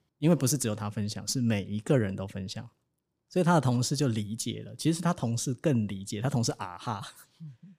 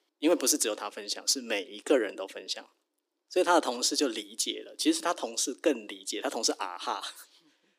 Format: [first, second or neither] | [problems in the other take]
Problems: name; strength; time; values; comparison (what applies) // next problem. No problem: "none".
first | thin; somewhat; fading below 300 Hz